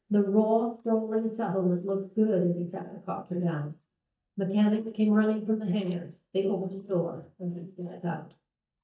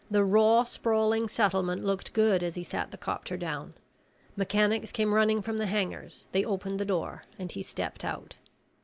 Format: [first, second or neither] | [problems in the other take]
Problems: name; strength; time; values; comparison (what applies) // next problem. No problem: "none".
second | noise reduction (neural mask model DeepFilterNet 3)